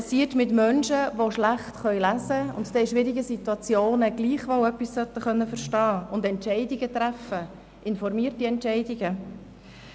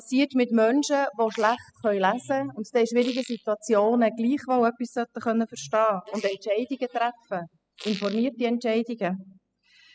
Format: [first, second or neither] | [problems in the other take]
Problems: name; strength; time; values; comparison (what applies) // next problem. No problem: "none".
first | noise reduction (classical method spectral subtraction)